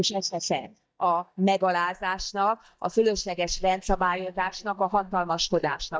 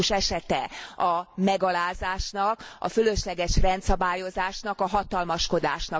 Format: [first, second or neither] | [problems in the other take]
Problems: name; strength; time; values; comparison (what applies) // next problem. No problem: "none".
second | noise reduction (neural mask model DeepFilterNet 3)